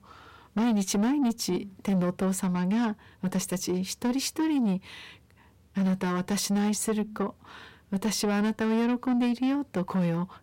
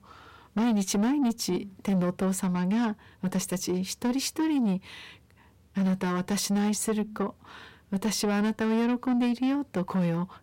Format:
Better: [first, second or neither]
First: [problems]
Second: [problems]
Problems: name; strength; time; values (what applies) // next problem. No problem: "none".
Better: neither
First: distortion; slight; 10 dB below the speech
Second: distortion; slight; 10 dB below the speech